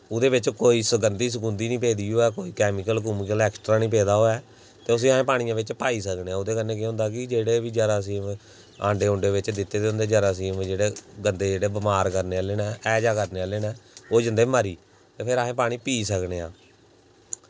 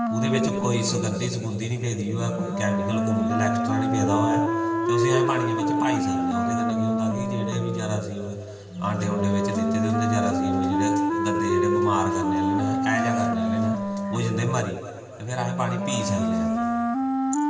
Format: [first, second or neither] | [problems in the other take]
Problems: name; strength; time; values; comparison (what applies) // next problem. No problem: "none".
first | background sound (Wind instrument, woodwind instrument); 3 dB above the speech // room echo; dies away in 2.5 s